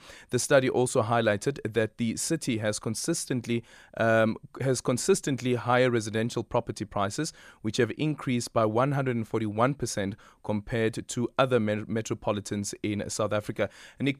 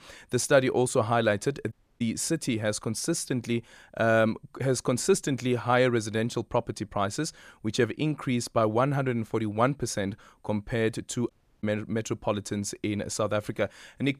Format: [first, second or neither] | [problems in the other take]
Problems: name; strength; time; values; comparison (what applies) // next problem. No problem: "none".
first | audio cutting out; at 1.5 s and at 11 s